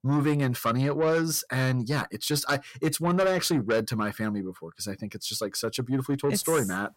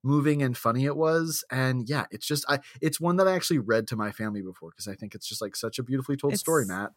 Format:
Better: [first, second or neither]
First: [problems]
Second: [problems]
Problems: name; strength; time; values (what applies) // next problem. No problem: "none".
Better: second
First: distortion; slight; 10 dB below the speech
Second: none